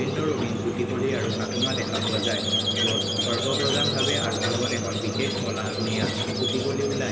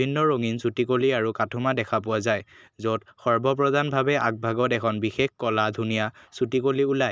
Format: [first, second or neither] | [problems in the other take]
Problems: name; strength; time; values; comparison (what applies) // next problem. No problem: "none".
second | background sound (Squeak); 3 dB above the speech // room echo; dies away in 2.4 s